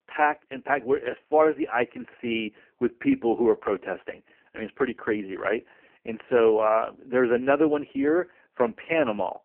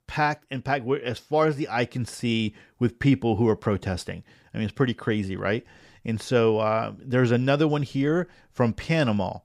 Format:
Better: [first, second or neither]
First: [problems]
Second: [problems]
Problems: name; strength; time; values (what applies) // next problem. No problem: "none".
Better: second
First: phone-call audio; poor line; nothing above 3 kHz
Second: none